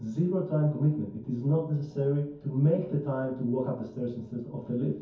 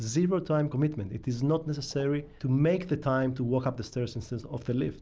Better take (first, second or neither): second